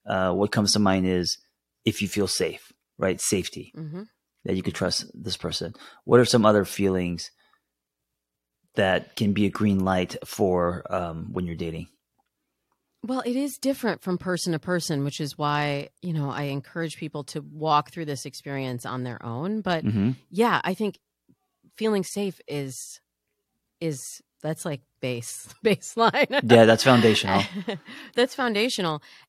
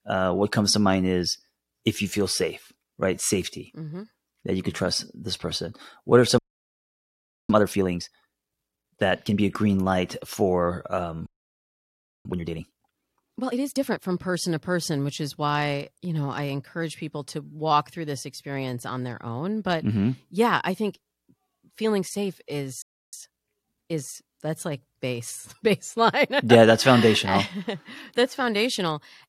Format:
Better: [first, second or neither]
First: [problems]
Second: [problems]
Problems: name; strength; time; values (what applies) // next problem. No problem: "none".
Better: first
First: none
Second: audio freezing; at 6.5 s for 1 s, at 11 s for 1 s and at 23 s